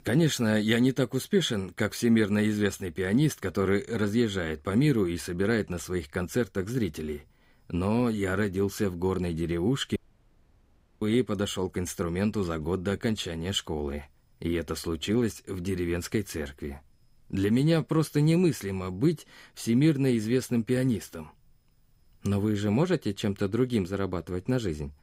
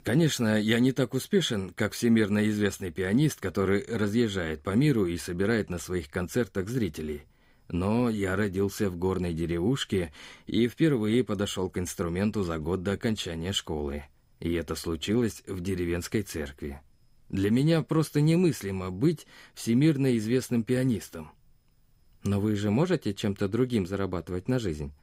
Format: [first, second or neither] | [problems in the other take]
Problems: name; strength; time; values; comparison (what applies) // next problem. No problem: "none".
second | audio cutting out; at 10 s for 1 s